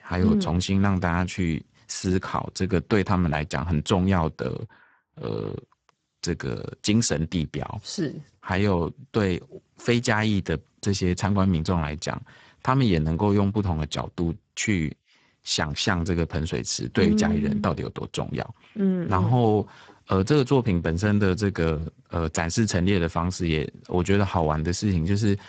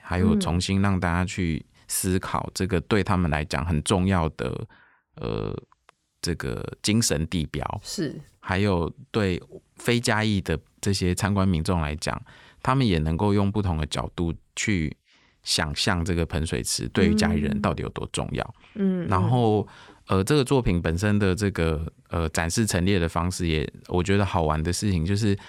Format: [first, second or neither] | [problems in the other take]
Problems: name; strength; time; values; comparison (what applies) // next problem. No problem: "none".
second | garbled, watery; badly; nothing above 8 kHz